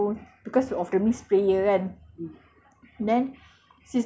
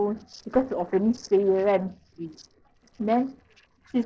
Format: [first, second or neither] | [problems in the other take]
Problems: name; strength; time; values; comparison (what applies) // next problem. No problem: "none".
first | noise reduction (neural separator model SepFormer DNS4)